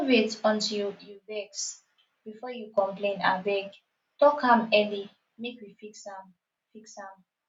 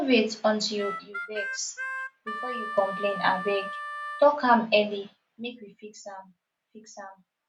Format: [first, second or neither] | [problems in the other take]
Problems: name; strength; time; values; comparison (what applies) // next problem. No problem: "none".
first | background sound (Harmonica); 7 dB below the speech